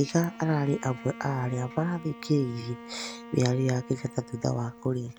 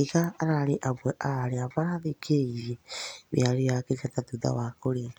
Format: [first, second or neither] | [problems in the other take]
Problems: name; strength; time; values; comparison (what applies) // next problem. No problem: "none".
second | background sound (Bowed string instrument); 16 dB below the speech